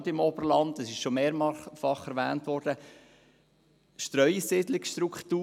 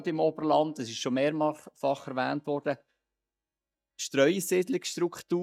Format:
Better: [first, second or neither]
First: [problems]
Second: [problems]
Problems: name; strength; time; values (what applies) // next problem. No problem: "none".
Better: first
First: none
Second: noise reduction (neural mask model DeepFilterNet 3)